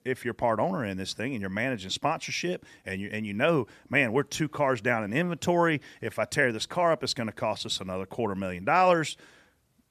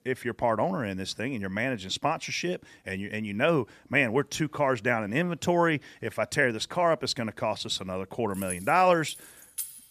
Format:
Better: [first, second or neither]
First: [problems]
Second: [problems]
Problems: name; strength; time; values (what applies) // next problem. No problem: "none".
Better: first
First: none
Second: jangling keys; noticeable; from 8.5 s on; peak 8 dB below the speech